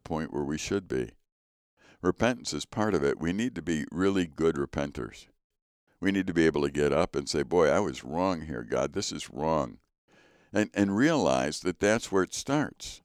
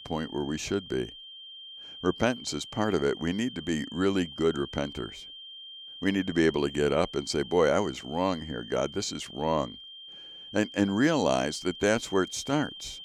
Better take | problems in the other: first | high-pitched whine; noticeable; throughout; 3 kHz, 15 dB below the speech

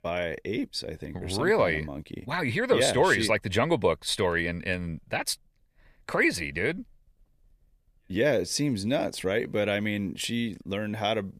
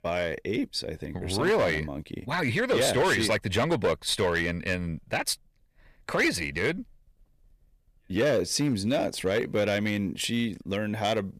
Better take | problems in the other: first | distortion; slight; 5% of the sound clipped

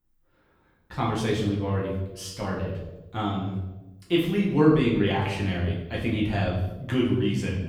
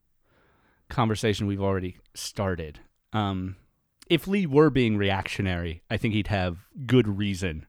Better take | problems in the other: second | off-mic speech; far // room echo; noticeable; dies away in 0.9 s

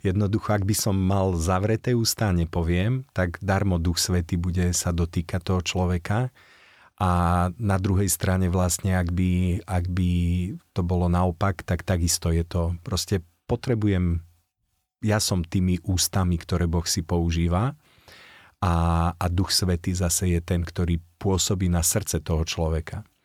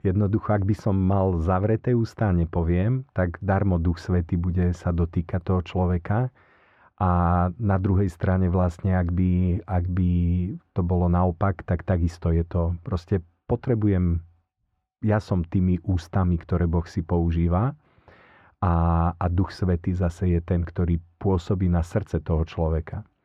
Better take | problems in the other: first | muffled; very; fading above 3.5 kHz

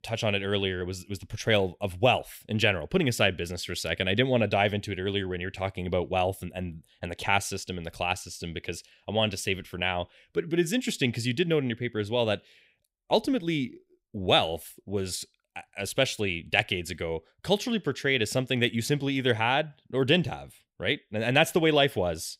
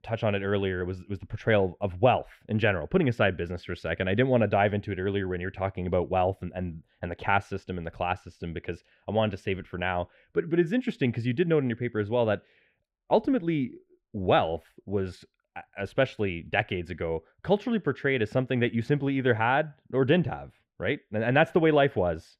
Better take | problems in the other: first | muffled; very; fading above 3.5 kHz

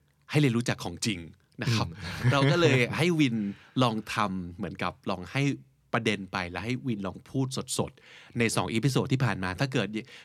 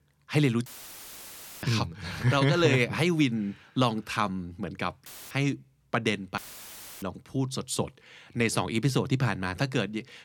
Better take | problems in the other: first | audio cutting out; filled with static; at 0.5 s for 1 s, at 5 s and at 6.5 s for 0.5 s

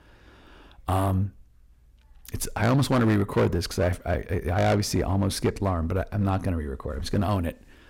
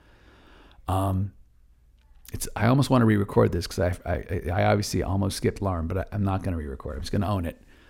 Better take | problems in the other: second | distortion; slight; 8% of the sound clipped

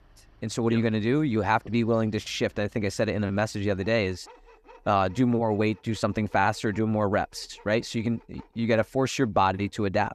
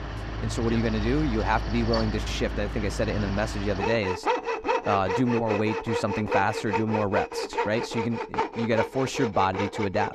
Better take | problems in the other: first | machinery noise; loud; throughout; 3 dB below the speech; faint in the first

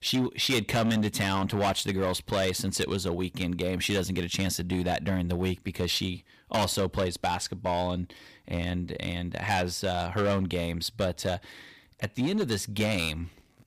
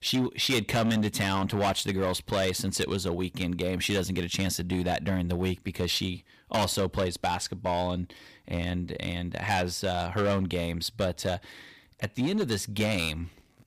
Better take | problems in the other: neither | distortion; heavy; 9% of the sound clipped; the same in both

